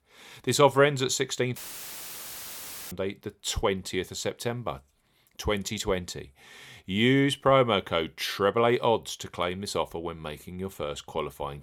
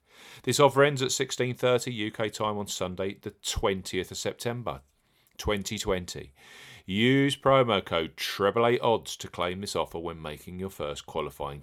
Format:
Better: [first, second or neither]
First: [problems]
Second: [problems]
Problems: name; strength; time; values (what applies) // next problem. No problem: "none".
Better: second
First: audio cutting out; filled with static; at 1.5 s for 1.5 s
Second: none